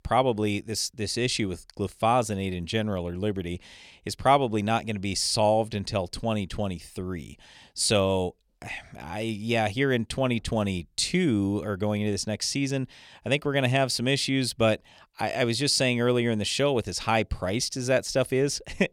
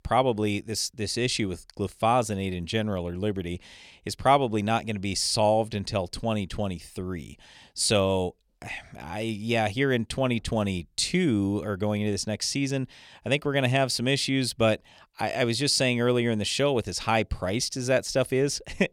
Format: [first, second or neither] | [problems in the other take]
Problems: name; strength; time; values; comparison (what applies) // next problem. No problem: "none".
neither | none